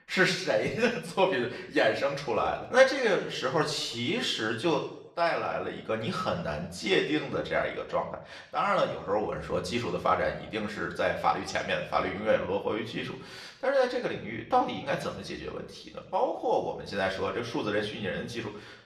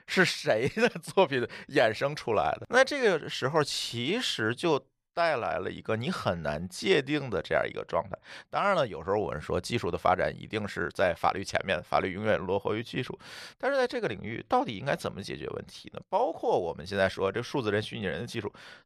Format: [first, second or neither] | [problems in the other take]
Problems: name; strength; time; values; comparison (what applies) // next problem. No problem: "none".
second | room echo; slight; dies away in 0.7 s // off-mic speech; somewhat distant